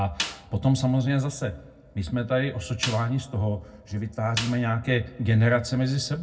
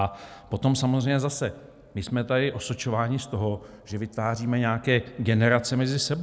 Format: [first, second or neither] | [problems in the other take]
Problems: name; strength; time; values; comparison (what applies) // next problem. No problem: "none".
second | background sound (Snare drum); 13 dB below the speech // room echo; dies away in 0.3 s